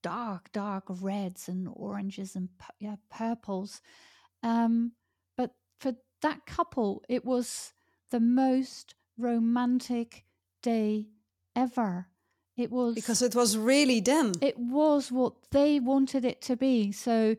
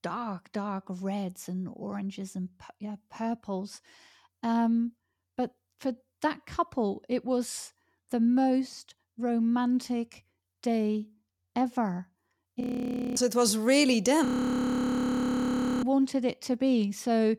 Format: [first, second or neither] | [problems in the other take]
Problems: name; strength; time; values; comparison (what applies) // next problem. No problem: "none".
first | audio freezing; at 13 s for 0.5 s and at 14 s for 1.5 s